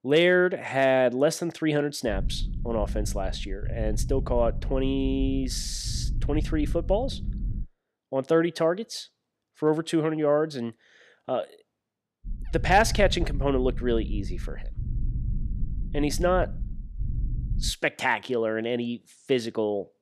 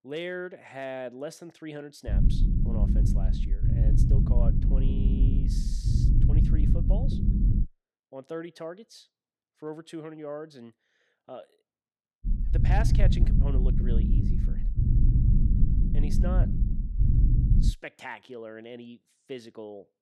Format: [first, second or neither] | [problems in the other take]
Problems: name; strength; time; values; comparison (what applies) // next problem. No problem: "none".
first | low rumble; loud; from 2 to 7.5 s and from 12 to 18 s; as loud as the speech; faint in the first